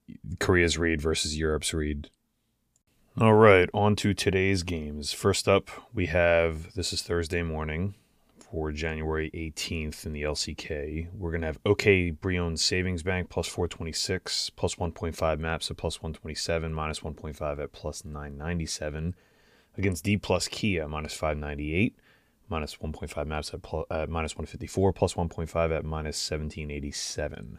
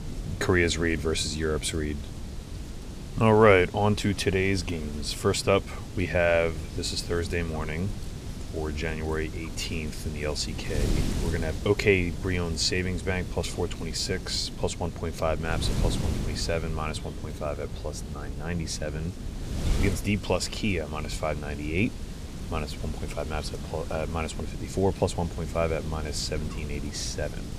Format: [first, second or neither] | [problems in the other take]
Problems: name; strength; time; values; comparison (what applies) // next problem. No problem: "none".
first | wind noise on the microphone; occasional gusts; 15 dB below the speech